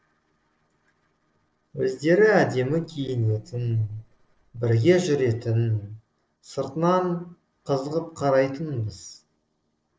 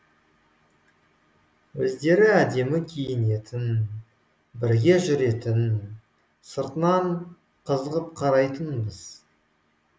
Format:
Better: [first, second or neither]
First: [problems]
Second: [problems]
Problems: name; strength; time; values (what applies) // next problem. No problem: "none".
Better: second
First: noise reduction (neural separator model SepFormer DNS4)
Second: none